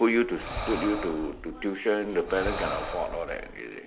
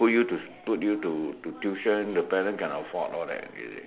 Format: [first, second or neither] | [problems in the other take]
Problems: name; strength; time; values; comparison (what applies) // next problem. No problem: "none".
second | background sound (Breathing); 8 dB below the speech